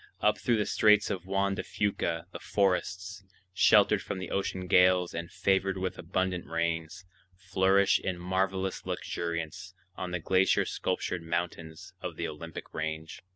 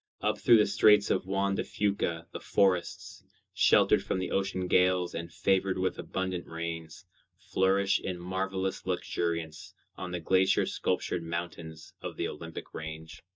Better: first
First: none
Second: noise reduction (neural mask model DeepFilterNet 3)

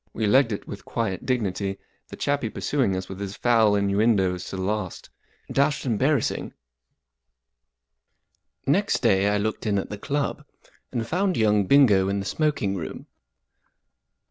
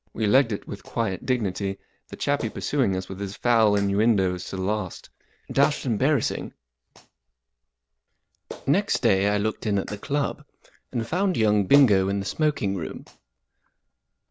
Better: first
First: none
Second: background sound (Clapping); 17 dB below the speech

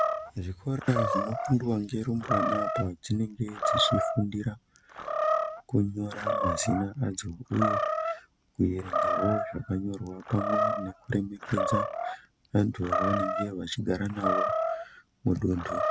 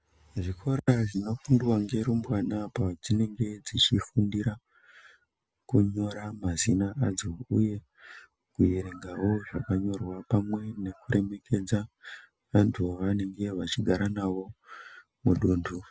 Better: second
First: background sound (Animal); as loud as the speech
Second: none

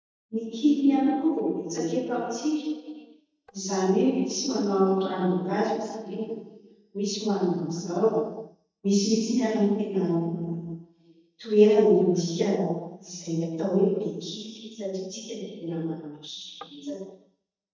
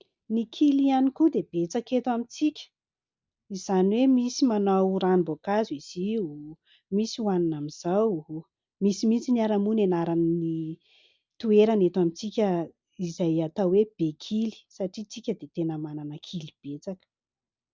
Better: second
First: noise reduction (neural mask model DeepFilterNet 3)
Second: none

